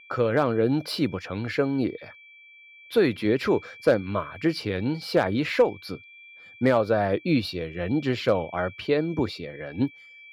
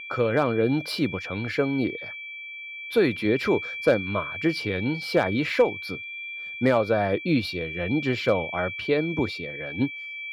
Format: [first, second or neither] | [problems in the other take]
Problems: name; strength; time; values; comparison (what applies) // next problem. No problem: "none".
first | high-pitched whine; loud; throughout; 2.5 kHz, 8 dB below the speech; faint in the first